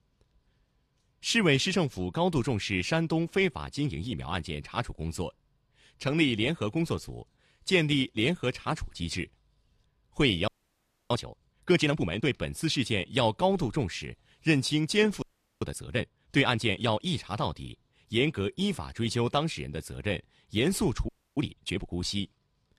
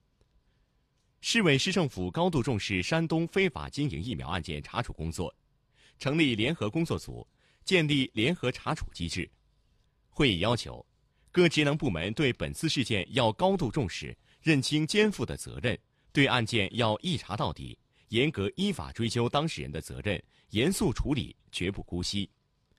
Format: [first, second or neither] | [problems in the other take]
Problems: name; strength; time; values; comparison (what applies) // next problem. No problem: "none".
second | audio freezing; at 10 s for 0.5 s, at 15 s and at 21 s